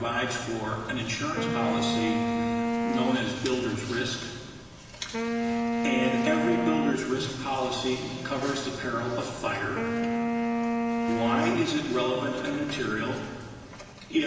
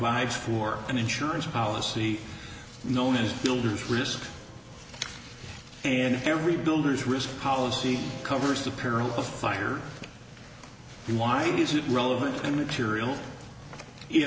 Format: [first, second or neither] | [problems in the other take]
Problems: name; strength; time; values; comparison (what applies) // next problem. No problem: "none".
second | background sound (Wind instrument, woodwind instrument); as loud as the speech // room echo; dies away in 1.6 s